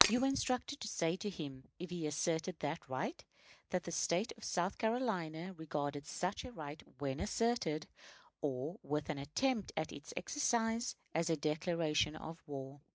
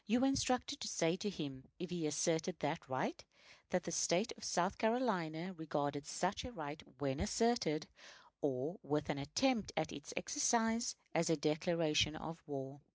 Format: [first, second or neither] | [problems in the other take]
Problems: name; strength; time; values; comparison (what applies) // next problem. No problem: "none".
second | background sound (Shatter); 4 dB above the speech